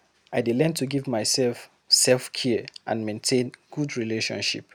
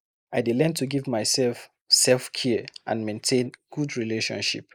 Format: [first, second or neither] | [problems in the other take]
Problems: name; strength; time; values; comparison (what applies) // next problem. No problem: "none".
first | noise reduction (neural mask model Resemble Enhance denoiser)